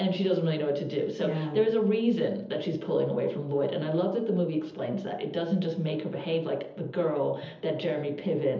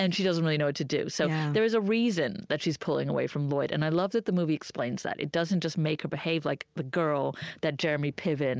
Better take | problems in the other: second | room echo; dies away in 0.7 s

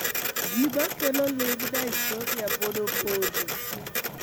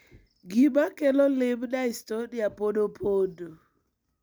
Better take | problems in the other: second | background sound (Printer); 1 dB above the speech

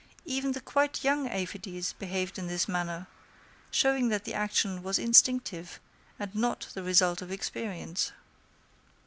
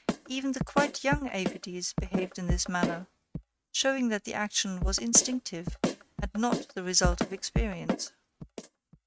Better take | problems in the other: first | noise reduction (neural mask model RNNoise)

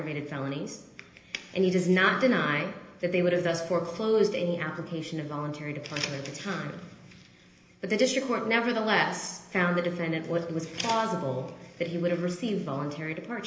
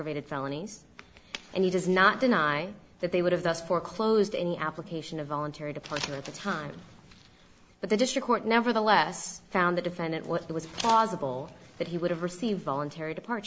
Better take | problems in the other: second | room echo; dies away in 0.8 s

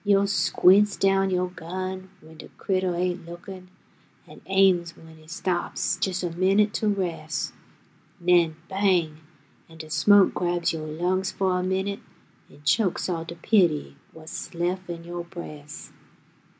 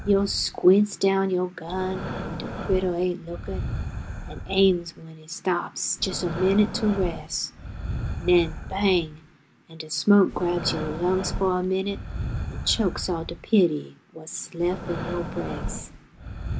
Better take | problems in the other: first | background sound (Breathing); 8 dB below the speech

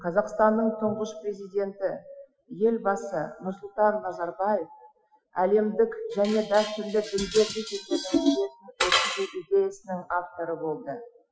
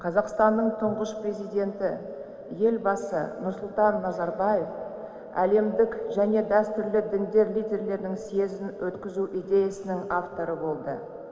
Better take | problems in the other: second | noise reduction (classical method Wiener filter)

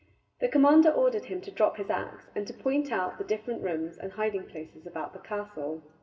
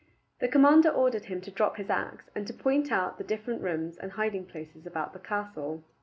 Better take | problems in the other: second | room echo; dies away in 1.8 s

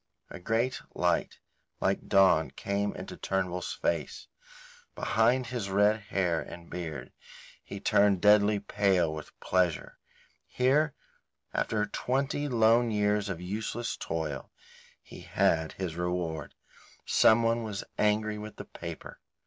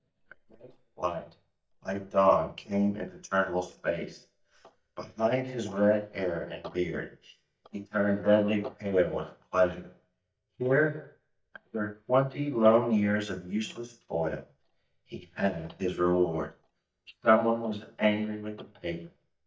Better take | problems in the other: first | noise reduction (neural mask model DeepFilterNet 3)

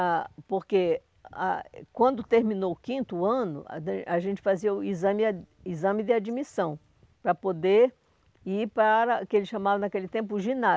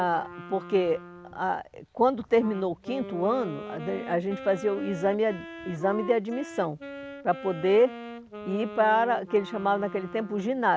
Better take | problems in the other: first | background sound (Wind instrument, woodwind instrument); 14 dB below the speech

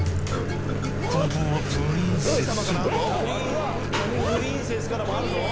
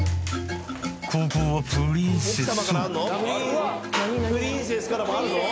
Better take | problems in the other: second | background sound (Zipper (clothing) + Microwave oven); as loud as the speech

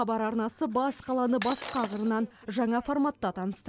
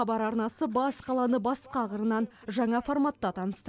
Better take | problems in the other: second | background sound (Shatter); 13 dB below the speech

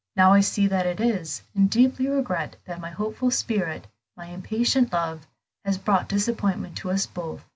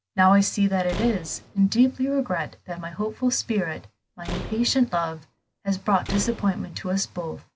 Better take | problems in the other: first | background sound (Slam); 13 dB below the speech

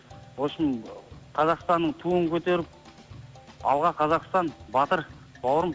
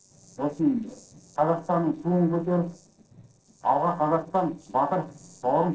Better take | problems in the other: first | noise reduction (neural separator model SepFormer DNS4)

